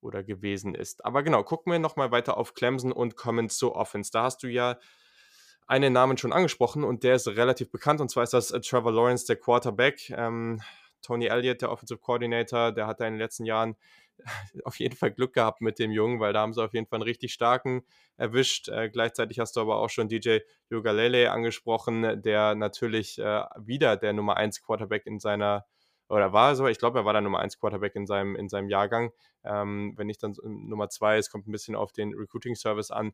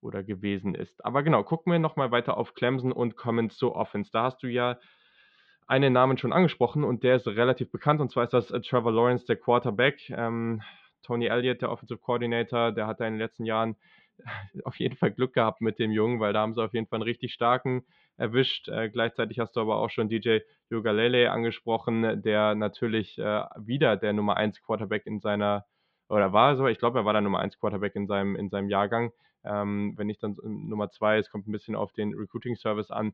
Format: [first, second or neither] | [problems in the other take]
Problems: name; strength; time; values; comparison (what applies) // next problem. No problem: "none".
first | muffled; very; fading above 3.5 kHz